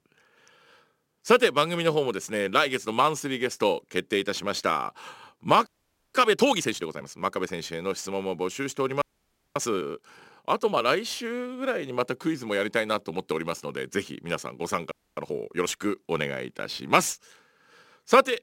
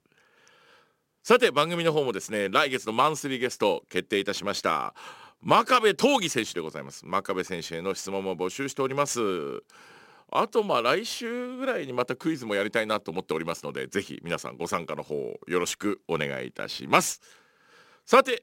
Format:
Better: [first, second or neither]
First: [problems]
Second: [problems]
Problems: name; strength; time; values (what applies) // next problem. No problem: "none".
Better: second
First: audio freezing; at 5.5 s, at 9 s for 0.5 s and at 15 s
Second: none